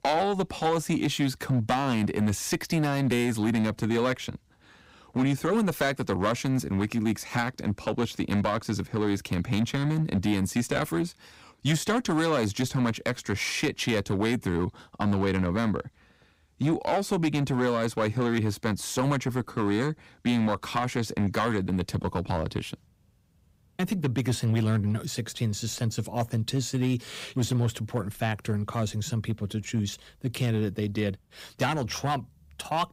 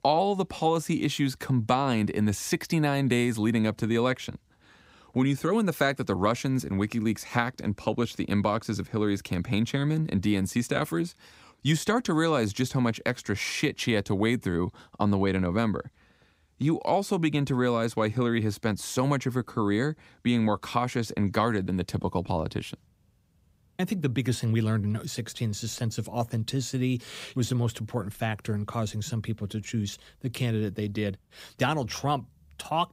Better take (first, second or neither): second